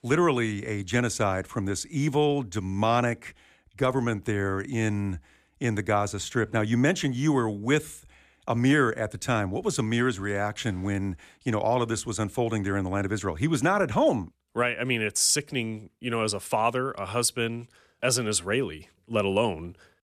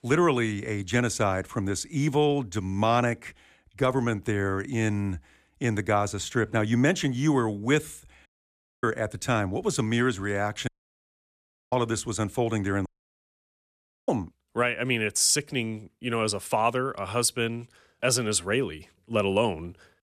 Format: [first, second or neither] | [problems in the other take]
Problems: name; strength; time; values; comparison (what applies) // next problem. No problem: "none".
first | audio cutting out; at 8.5 s for 0.5 s, at 11 s for 1 s and at 13 s for 1 s